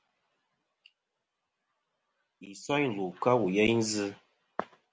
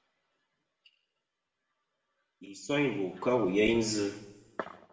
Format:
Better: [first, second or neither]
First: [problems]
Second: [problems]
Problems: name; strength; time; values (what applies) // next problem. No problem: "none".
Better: first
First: none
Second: room echo; dies away in 0.8 s